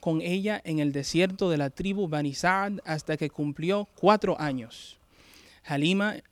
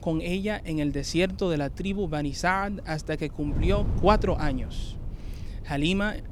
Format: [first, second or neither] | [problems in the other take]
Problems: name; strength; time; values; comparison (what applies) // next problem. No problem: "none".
first | wind noise on the microphone; occasional gusts; 20 dB below the speech